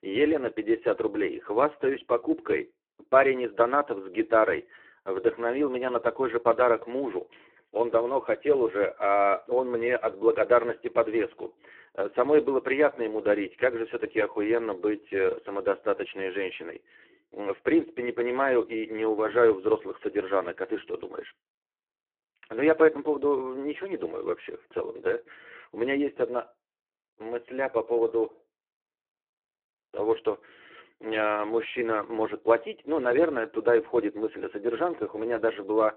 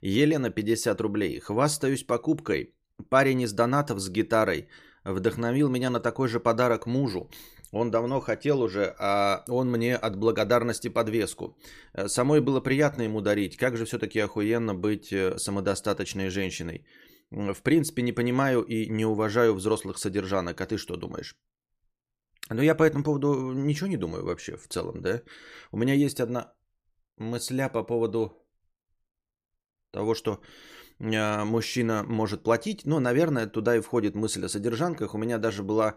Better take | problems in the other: second | phone-call audio; poor line

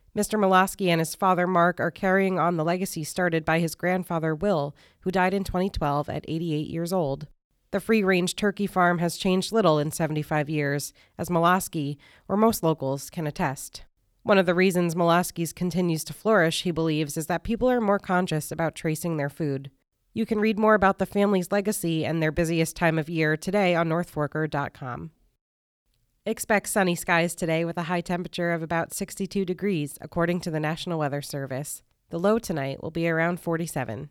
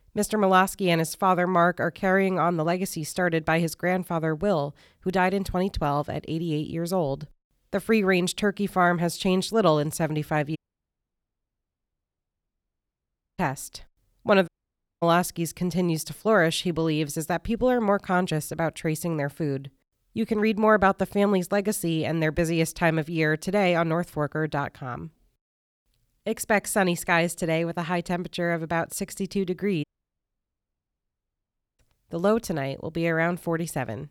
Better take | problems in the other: first | audio cutting out; at 11 s for 3 s, at 14 s for 0.5 s and at 30 s for 2 s

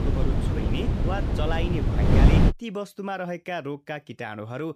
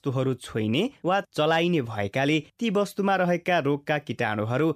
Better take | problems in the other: second | wind noise on the microphone; heavy; until 2.5 s; 1 dB above the speech

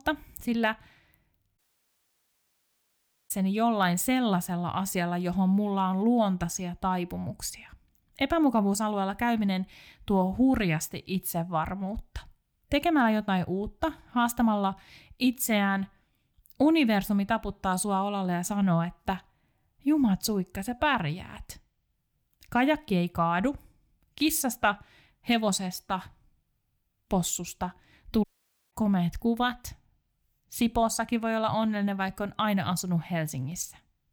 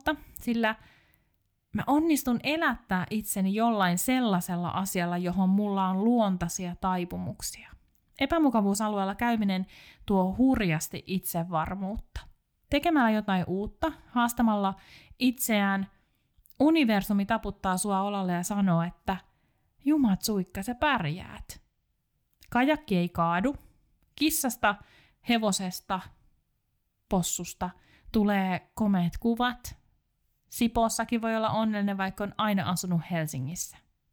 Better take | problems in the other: second | audio cutting out; at 1.5 s for 1.5 s and at 28 s

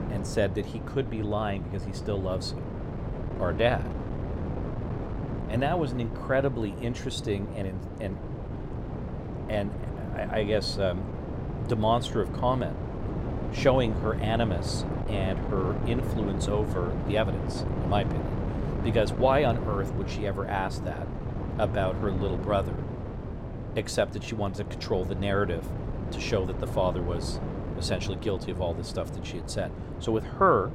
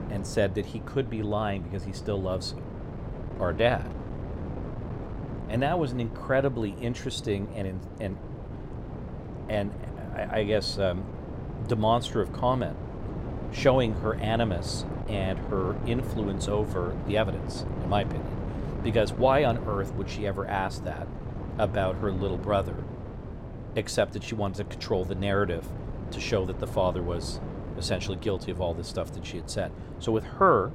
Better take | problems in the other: second | wind noise on the microphone; heavy; 9 dB below the speech; occasional gusts in the second

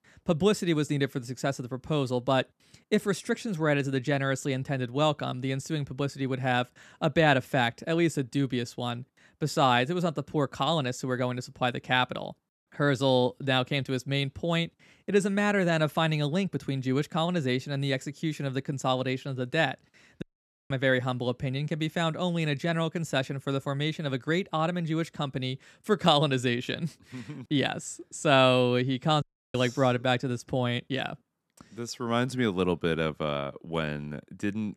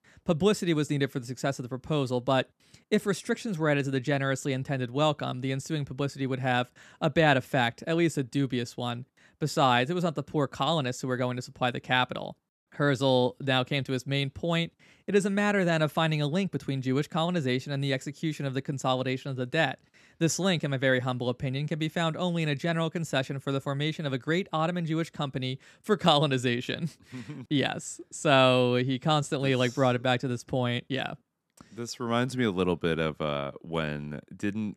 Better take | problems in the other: second | audio cutting out; at 20 s and at 29 s

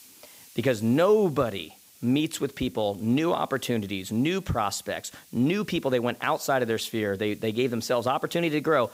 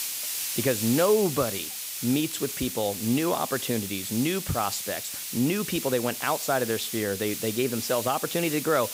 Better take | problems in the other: first | hiss; loud; throughout; 4 dB below the speech; faint in the first

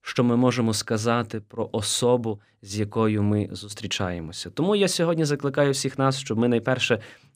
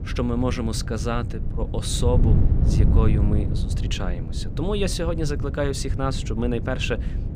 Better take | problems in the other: first | wind noise on the microphone; heavy; 8 dB below the speech

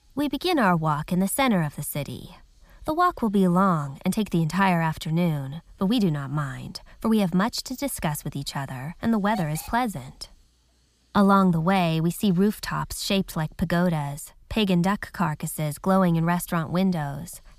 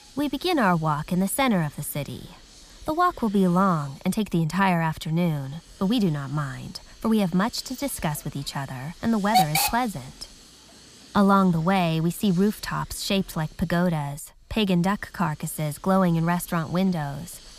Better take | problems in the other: first | hiss; loud; throughout; 3 dB below the speech; faint in the first

